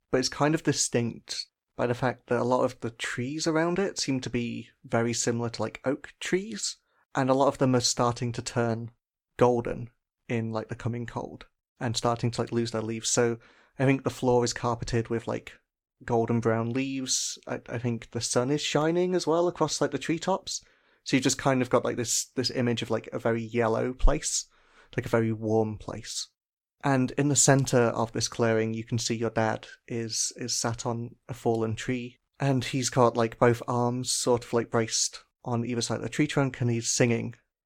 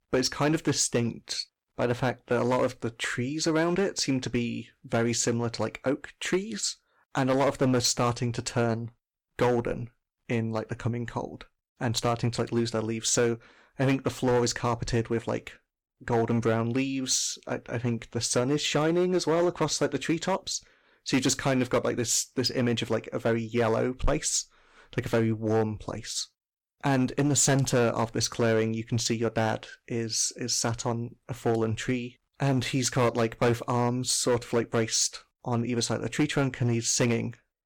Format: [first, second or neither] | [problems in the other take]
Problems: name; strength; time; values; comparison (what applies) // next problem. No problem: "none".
first | distortion; slight; 5% of the sound clipped